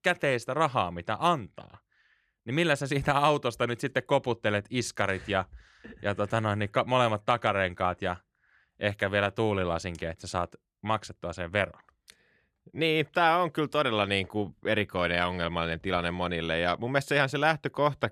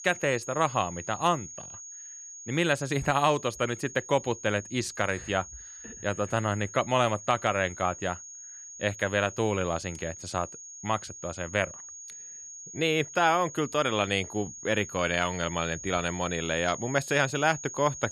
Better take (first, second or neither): first